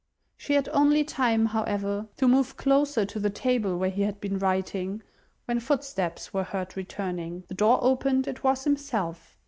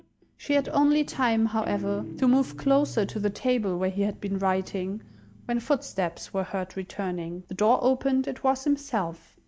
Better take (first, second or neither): first